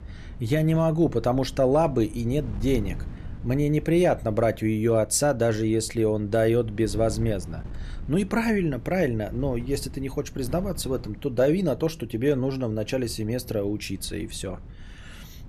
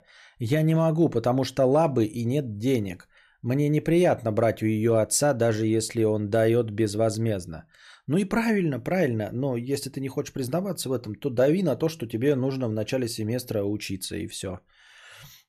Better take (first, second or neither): second